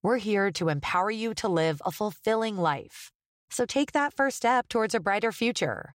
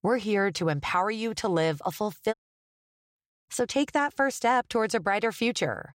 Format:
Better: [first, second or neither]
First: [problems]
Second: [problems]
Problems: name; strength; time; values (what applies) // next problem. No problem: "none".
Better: first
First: none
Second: audio cutting out; at 2.5 s for 1 s